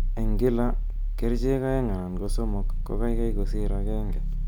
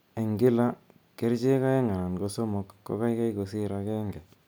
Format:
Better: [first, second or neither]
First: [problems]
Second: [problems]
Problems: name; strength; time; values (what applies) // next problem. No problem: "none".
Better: second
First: background sound (Growling); 3 dB above the speech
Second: none